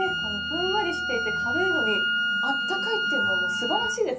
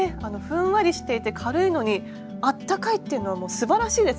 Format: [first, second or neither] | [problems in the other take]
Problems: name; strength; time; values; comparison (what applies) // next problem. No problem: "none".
second | background sound (Wind instrument, woodwind instrument); 3 dB above the speech // room echo; dies away in 0.3 s